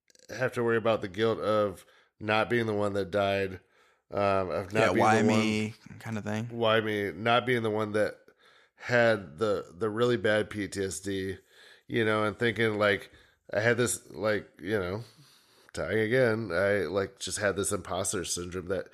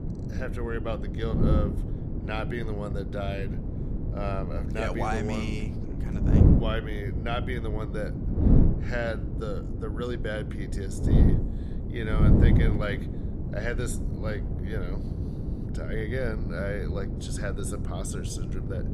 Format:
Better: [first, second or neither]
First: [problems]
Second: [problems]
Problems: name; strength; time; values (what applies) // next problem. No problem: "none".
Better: first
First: none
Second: wind noise on the microphone; heavy; 3 dB below the speech